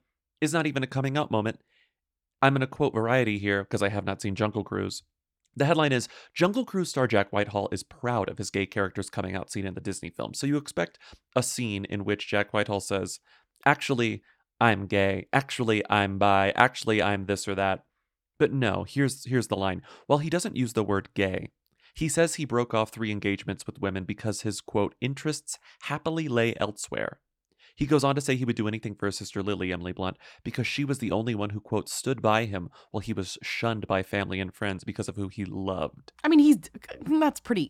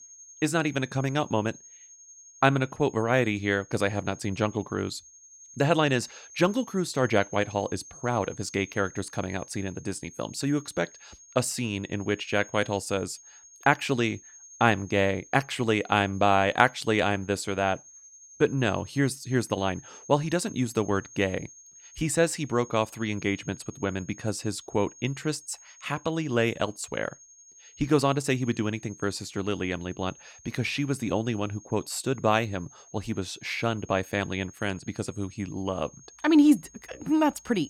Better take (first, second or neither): first